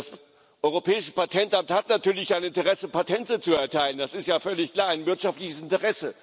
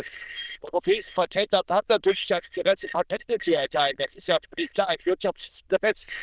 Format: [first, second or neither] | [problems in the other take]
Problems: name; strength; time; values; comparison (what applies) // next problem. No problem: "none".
first | noise reduction (neural diffusion model UNIVERSE++)